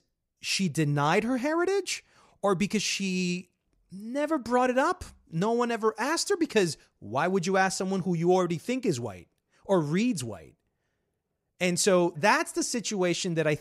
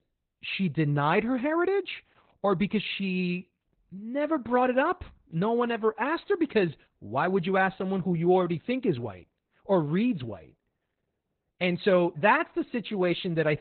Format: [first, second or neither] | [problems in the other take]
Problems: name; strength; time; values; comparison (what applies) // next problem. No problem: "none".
first | garbled, watery; badly; nothing above 4 kHz